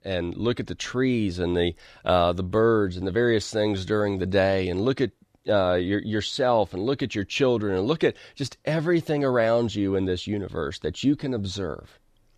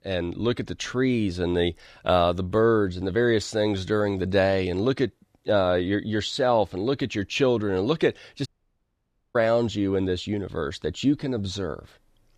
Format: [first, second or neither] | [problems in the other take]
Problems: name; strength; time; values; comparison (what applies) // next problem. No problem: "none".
first | audio cutting out; at 8.5 s for 1 s